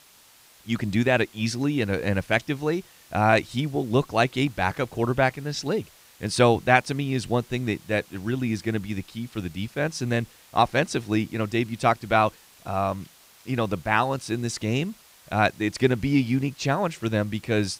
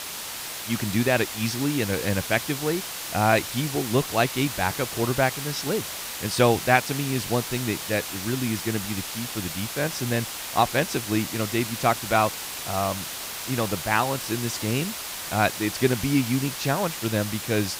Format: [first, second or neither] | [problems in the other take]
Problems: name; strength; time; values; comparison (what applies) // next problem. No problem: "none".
first | hiss; loud; throughout; 5 dB below the speech; faint in the first